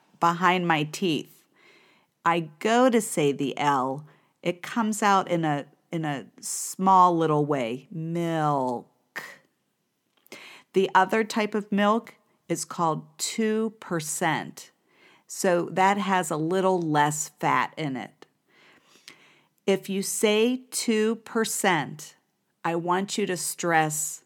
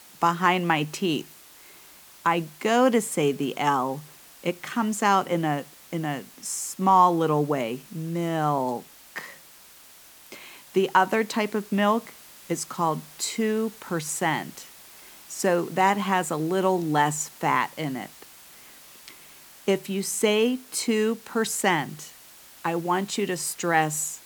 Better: first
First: none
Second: hiss; faint; throughout; 20 dB below the speech

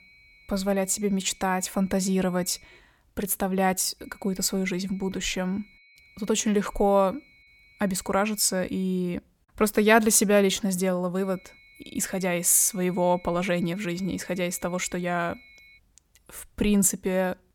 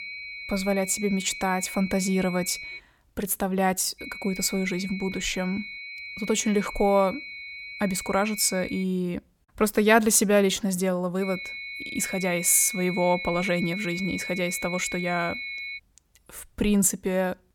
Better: first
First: high-pitched whine; faint; until 3 s, from 4 to 9 s and from 11 to 16 s; 2 kHz, 25 dB below the speech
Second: high-pitched whine; loud; until 3 s, from 4 to 9 s and from 11 to 16 s; 2 kHz, 9 dB below the speech

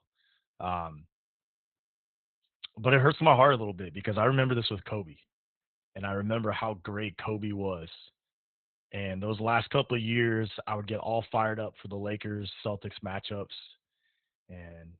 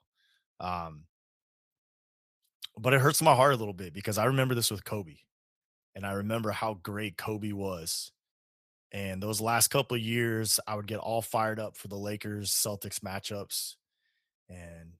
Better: second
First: garbled, watery; badly; nothing above 4 kHz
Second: garbled, watery; slightly; nothing above 14.5 kHz

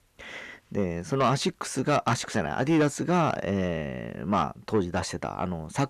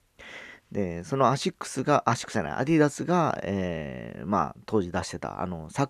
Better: second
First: distortion; slight; 10 dB below the speech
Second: none

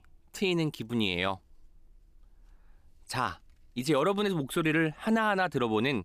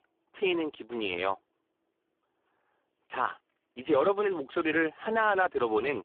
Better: first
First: none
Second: phone-call audio; poor line

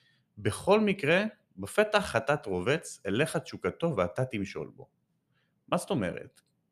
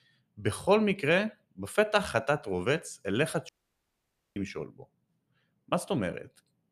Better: first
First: none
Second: audio cutting out; at 3.5 s for 1 s

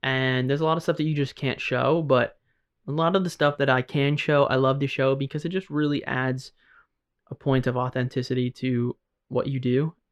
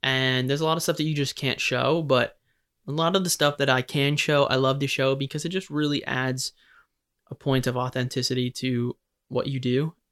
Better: second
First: muffled; slightly; fading above 4 kHz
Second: none

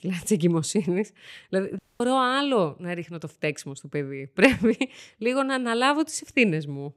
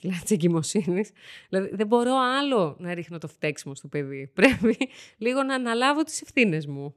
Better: second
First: audio cutting out; at 2 s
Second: none

